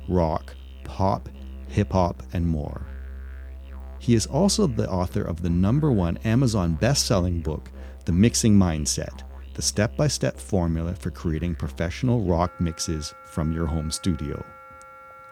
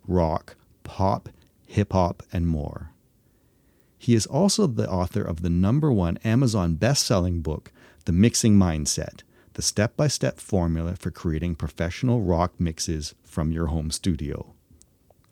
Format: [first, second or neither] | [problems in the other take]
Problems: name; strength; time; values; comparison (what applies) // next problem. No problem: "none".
second | background music; noticeable; throughout; 15 dB below the speech